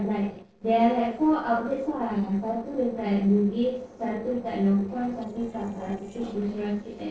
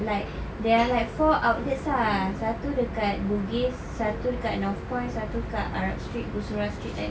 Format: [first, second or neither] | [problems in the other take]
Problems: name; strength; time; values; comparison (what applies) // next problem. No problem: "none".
second | noise reduction (neural separator model SepFormer DNS4)